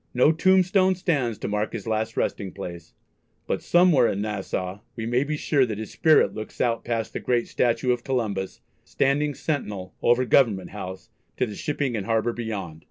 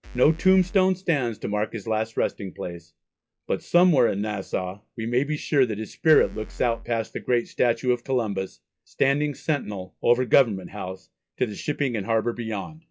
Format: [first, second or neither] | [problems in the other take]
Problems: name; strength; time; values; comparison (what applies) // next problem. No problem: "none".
first | noise reduction (classical method log-MMSE)